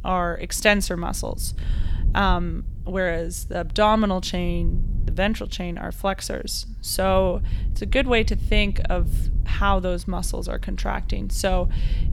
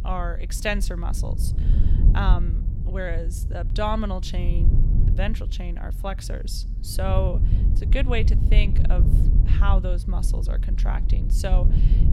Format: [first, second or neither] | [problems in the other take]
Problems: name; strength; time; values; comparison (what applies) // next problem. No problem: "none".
first | low rumble; loud; throughout; 9 dB below the speech; faint in the first